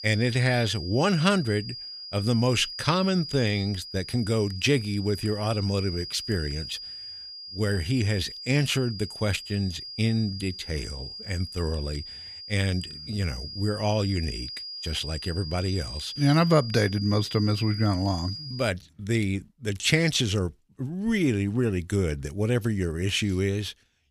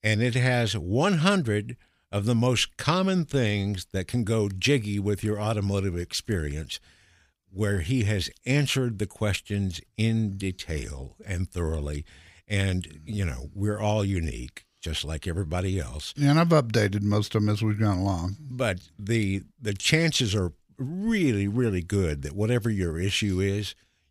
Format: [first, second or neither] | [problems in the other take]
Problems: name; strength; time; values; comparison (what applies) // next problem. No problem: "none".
second | high-pitched whine; loud; until 19 s; 5 kHz, 10 dB below the speech